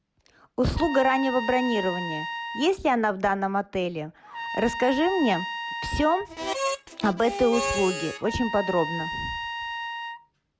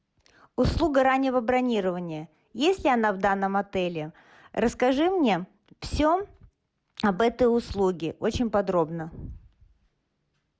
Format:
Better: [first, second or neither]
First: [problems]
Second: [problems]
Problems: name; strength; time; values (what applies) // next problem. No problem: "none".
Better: second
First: background sound (Harmonica + Trumpet); 6 dB below the speech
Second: none